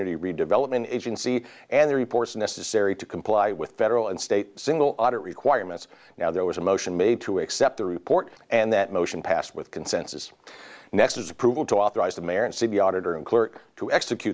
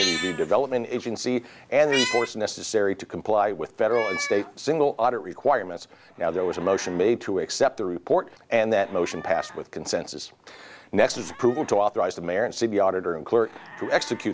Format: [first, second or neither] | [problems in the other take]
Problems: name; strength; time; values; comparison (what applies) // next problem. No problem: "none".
first | background sound (Meow); 13 dB below the speech